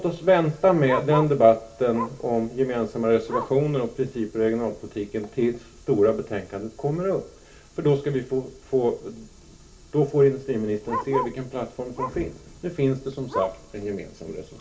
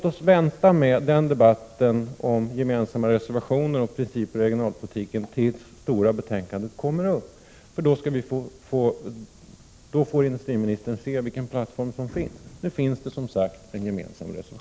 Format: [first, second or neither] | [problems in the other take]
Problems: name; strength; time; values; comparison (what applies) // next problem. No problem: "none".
second | background sound (Bark); 13 dB below the speech // room echo; dies away in 0.2 s